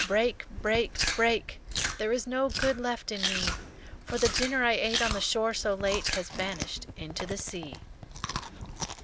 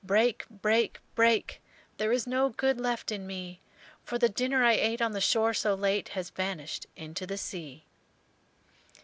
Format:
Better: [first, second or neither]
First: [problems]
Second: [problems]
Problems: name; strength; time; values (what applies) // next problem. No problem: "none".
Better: second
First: background sound (Chewing, mastication); 4 dB below the speech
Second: none